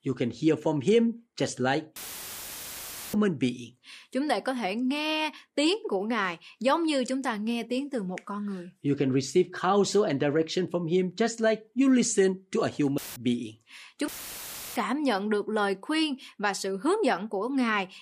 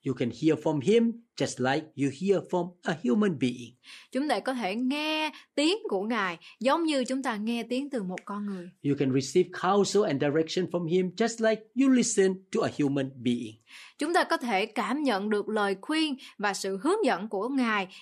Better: second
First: audio cutting out; filled with static; at 2 s for 1 s, at 13 s and at 14 s for 0.5 s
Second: none

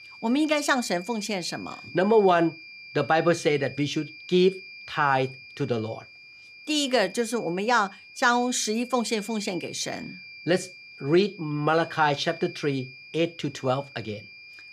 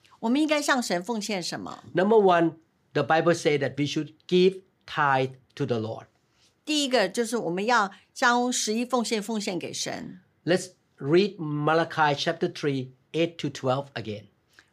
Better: second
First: high-pitched whine; noticeable; throughout; 2.5 kHz, 15 dB below the speech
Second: none

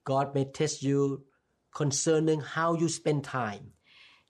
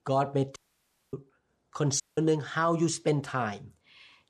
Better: first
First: none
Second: audio cutting out; at 0.5 s for 0.5 s and at 2 s

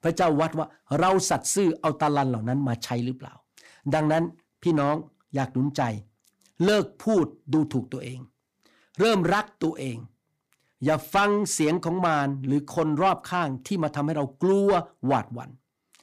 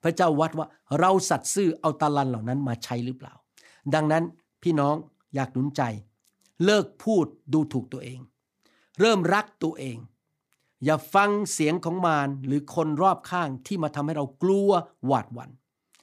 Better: second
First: distortion; slight; 10 dB below the speech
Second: none

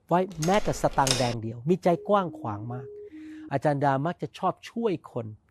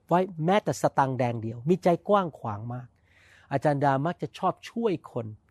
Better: second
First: door banging; loud; at 0.5 s; peak level with the speech // siren; faint; from 2 to 3.5 s; peak 15 dB below the speech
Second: none

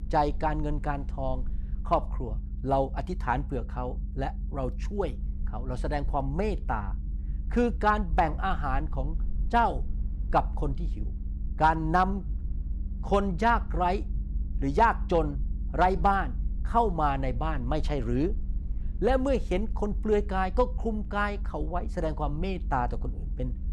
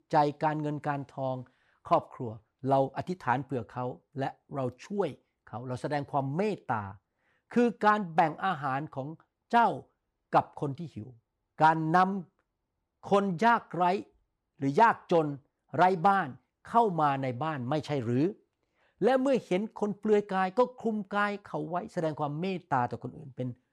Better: second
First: low rumble; faint; throughout; 25 dB below the speech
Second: none

